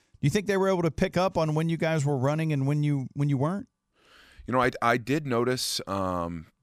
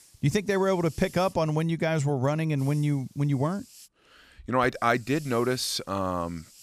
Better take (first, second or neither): first